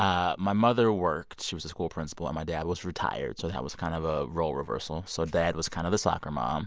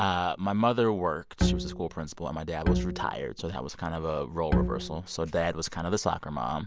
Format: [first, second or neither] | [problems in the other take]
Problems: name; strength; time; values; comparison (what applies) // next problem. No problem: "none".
first | background sound (Bowed string instrument); as loud as the speech